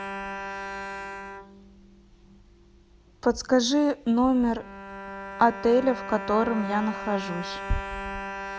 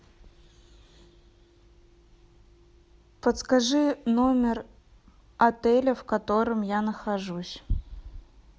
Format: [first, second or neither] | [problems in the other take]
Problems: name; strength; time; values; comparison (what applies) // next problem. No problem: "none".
second | background sound (Bowed string instrument); 10 dB below the speech